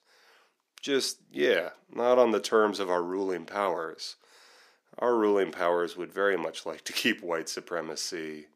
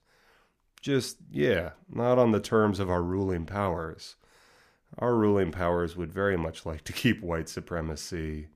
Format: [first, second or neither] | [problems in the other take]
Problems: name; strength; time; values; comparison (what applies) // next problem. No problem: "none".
second | thin; somewhat; fading below 300 Hz